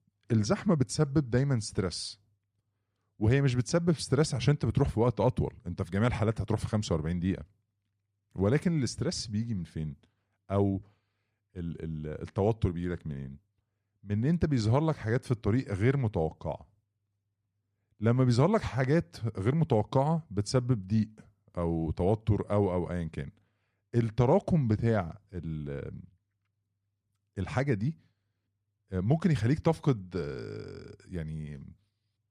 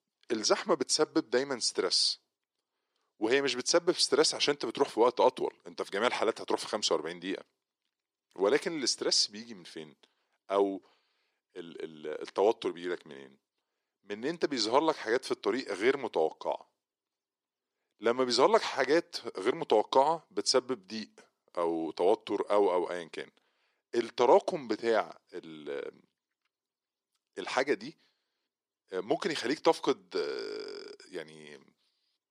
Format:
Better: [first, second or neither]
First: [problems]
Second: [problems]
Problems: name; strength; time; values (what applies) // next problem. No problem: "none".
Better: first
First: none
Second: thin; very; fading below 350 Hz